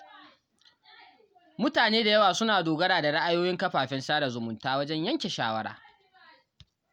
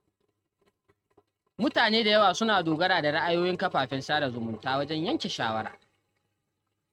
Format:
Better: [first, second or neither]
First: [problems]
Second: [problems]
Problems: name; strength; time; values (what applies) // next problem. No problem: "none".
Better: first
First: none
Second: noise reduction (neural mask model RNNoise)